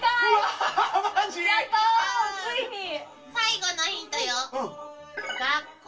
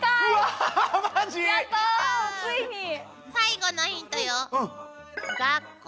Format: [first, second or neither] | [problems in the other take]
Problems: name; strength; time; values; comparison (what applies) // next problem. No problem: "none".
second | room echo; dies away in 0.2 s